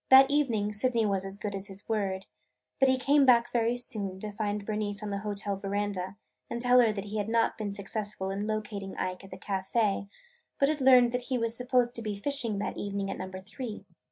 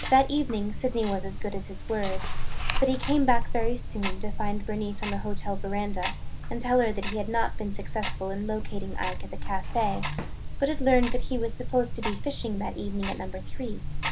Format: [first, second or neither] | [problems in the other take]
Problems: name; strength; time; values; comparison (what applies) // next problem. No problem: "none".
first | background sound (Tick-tock); 1 dB above the speech